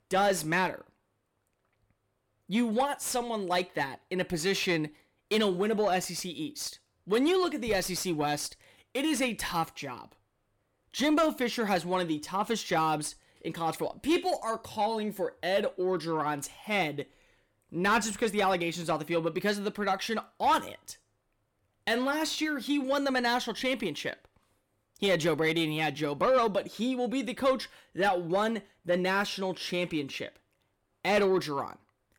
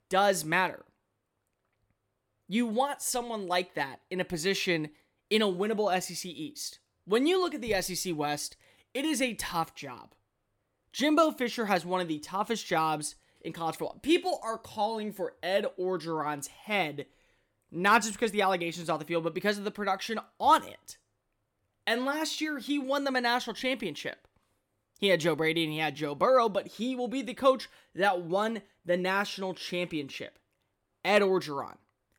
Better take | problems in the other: second | distortion; slight; 10 dB below the speech

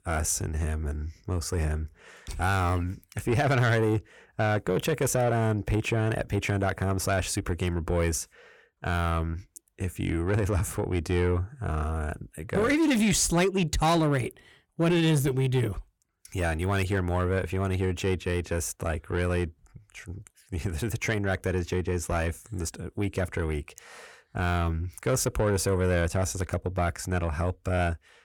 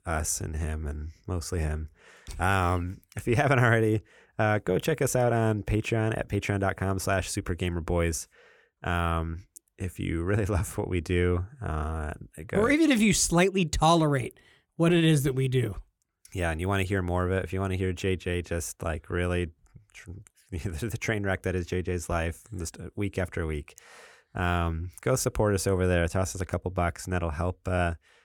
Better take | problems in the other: second | distortion; slight; 10 dB below the speech

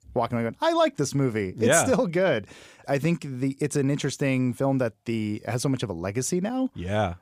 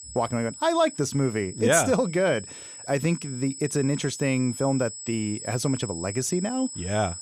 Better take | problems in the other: first | high-pitched whine; noticeable; throughout; 8 kHz, 10 dB below the speech

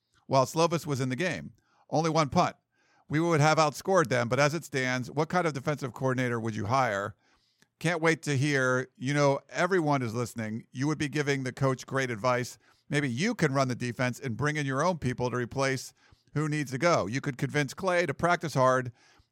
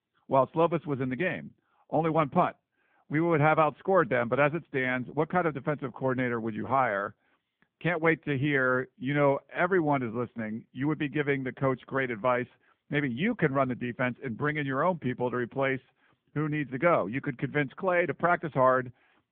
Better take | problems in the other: first | phone-call audio; poor line; nothing above 3.5 kHz

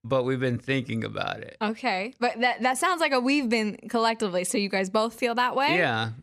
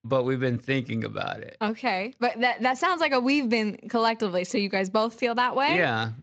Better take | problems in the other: first | garbled, watery; slightly; nothing above 7.5 kHz

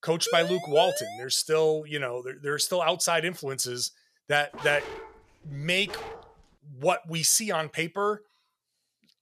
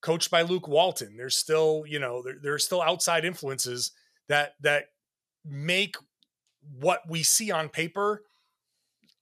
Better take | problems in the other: second | siren; noticeable; at 0.5 s; peak 7 dB below the speech // dog barking; faint; from 4.5 to 6.5 s; peak 10 dB below the speech

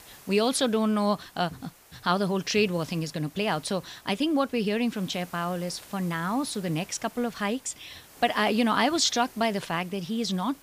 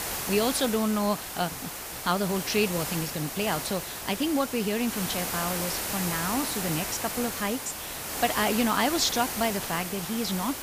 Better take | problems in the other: first | hiss; loud; throughout; 3 dB below the speech; faint in the first

